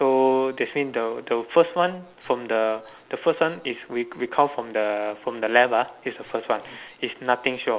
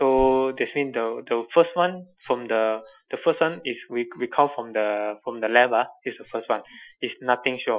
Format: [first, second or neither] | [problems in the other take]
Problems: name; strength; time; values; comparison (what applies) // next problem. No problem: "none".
first | noise reduction (classical method Wiener filter)